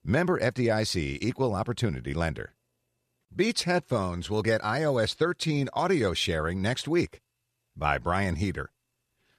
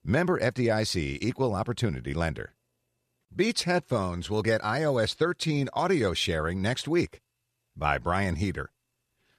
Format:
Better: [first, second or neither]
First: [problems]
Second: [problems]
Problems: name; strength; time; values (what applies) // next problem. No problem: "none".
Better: neither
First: none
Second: none